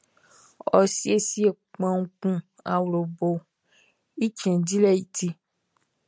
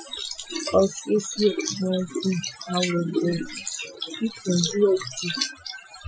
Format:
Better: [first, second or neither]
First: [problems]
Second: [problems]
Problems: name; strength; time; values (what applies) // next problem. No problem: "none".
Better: first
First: none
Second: noise reduction (classical method Wiener filter)